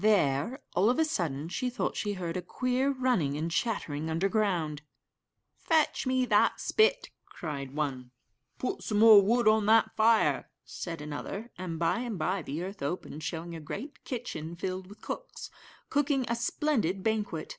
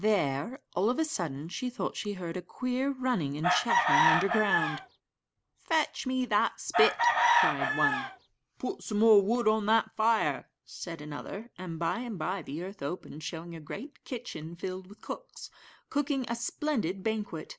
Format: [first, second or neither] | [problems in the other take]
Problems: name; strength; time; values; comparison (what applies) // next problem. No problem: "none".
first | background sound (Chicken, rooster); 2 dB above the speech